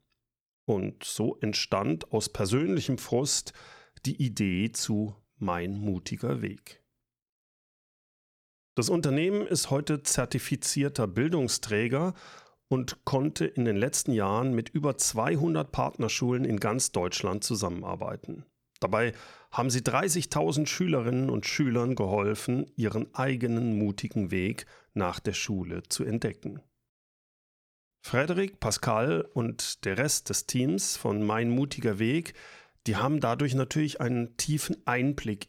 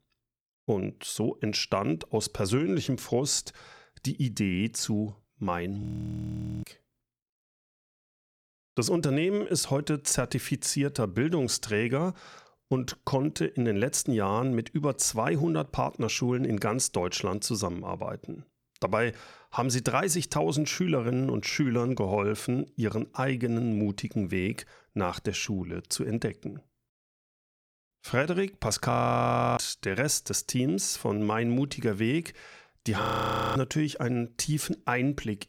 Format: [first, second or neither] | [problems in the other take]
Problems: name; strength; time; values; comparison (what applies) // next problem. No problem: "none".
first | audio freezing; at 6 s for 1 s, at 29 s for 0.5 s and at 33 s for 0.5 s